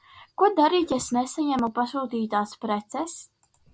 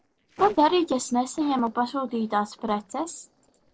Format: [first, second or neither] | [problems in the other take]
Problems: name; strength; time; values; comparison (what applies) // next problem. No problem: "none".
first | noise reduction (neural separator model SepFormer DNS4)